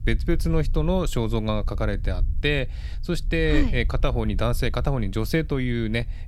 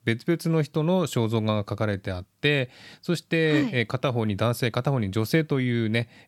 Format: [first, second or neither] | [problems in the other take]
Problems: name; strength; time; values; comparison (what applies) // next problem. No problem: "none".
second | low rumble; faint; throughout; 25 dB below the speech